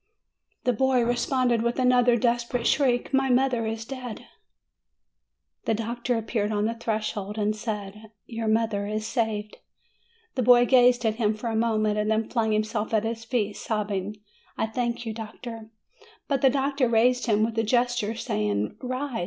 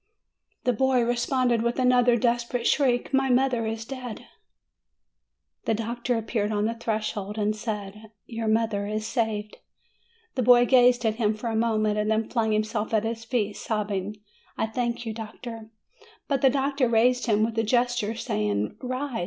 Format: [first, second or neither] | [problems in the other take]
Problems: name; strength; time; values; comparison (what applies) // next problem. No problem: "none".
second | background sound (Explosion); 19 dB below the speech